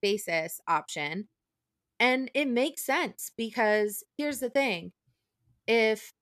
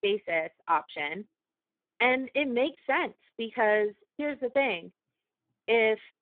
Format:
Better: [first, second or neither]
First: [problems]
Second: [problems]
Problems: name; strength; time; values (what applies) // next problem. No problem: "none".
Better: first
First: none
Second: phone-call audio; poor line; nothing above 3.5 kHz